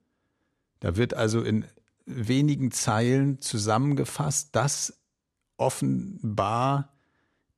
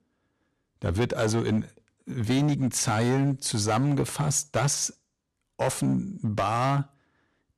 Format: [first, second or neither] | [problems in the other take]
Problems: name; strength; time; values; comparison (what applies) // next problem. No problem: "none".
first | distortion; slight; 7% of the sound clipped